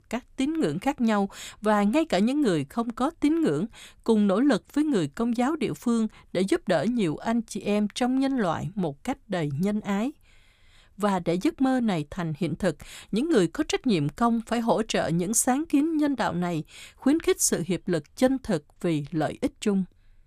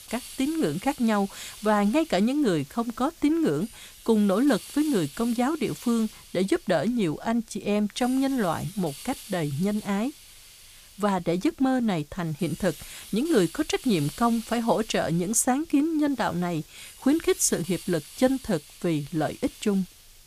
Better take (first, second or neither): first